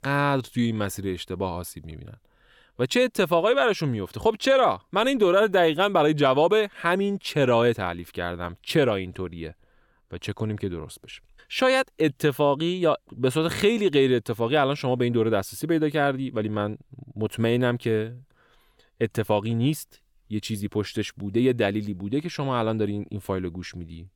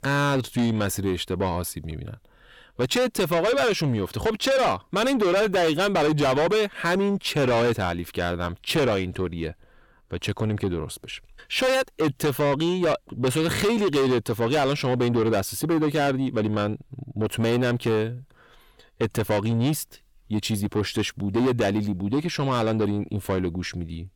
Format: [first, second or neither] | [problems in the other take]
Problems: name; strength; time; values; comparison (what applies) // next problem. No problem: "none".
first | distortion; heavy; 7 dB below the speech